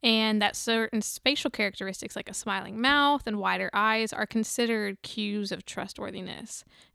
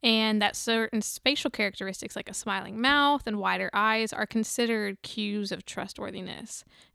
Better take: neither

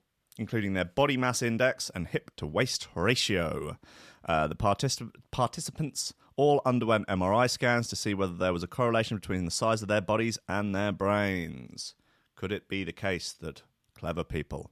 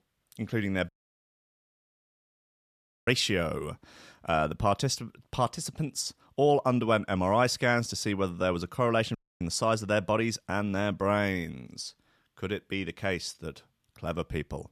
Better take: first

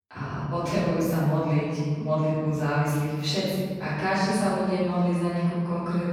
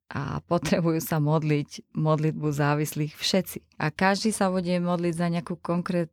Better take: second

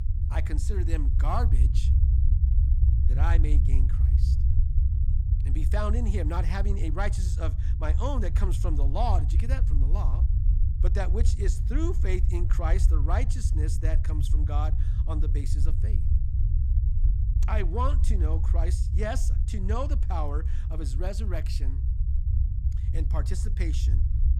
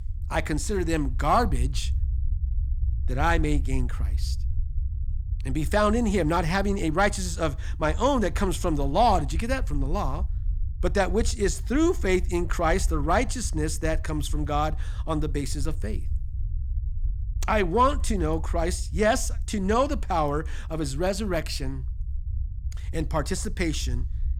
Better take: second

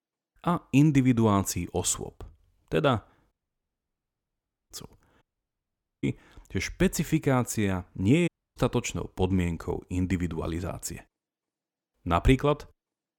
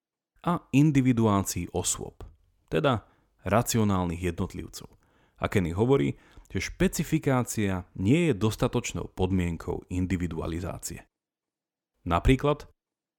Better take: second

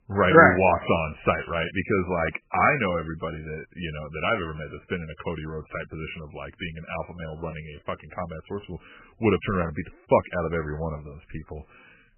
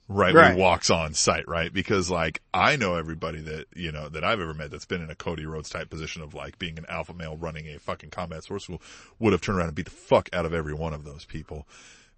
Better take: second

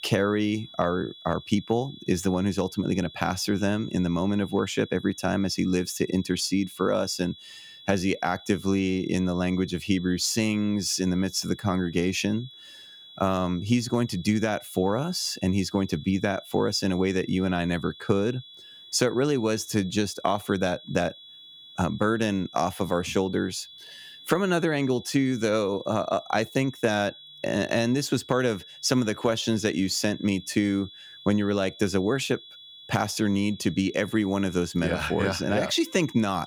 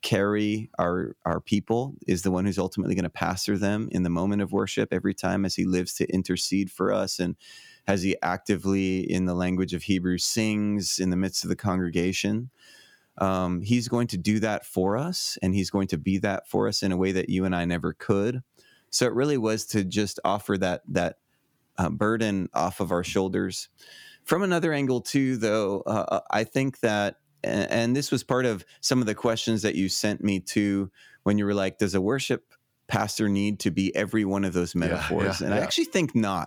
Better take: second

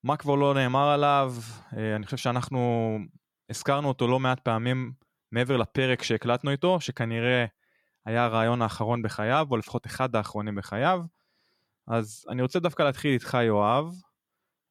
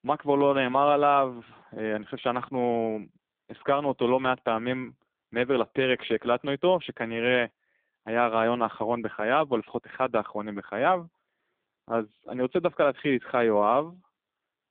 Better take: first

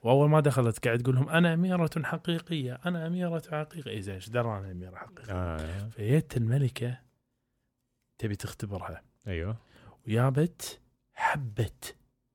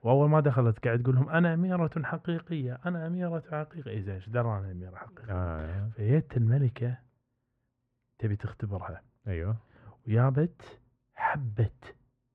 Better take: first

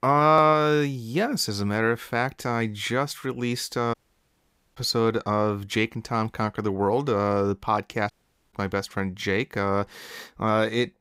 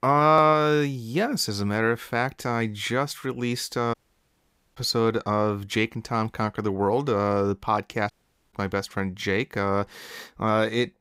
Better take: neither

